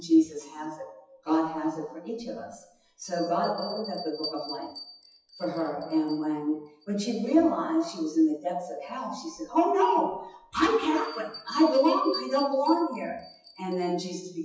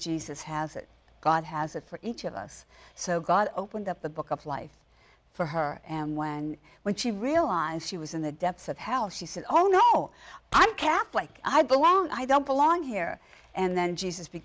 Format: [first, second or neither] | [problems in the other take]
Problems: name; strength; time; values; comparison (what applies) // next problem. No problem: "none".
second | noise reduction (classical method WPE with log-MMSE)